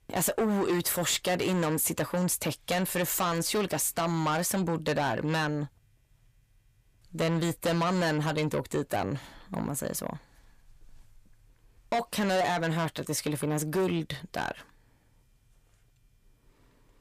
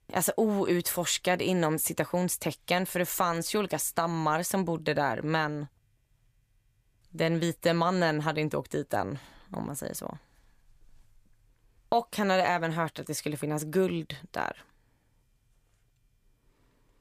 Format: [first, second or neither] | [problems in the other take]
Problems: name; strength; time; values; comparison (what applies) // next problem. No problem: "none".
second | distortion; heavy; 8 dB below the speech